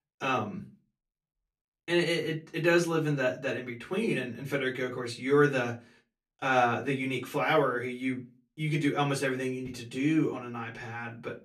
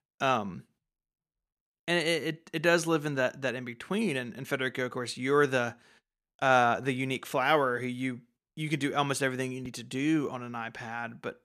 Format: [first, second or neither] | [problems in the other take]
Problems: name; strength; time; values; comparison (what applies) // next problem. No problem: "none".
second | off-mic speech; far // room echo; very slight; dies away in 0.2 s